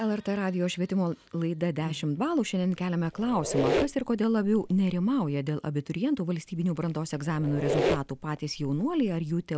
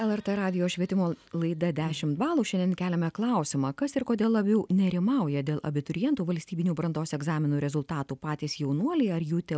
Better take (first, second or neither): second